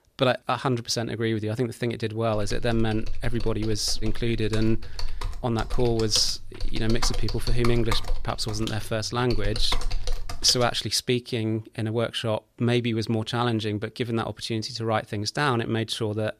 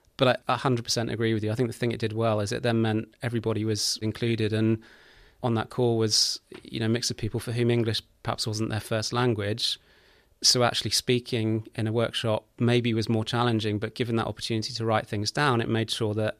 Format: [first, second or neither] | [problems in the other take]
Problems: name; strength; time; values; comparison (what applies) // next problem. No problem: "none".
second | keyboard typing; noticeable; from 2.5 to 11 s; peak 5 dB below the speech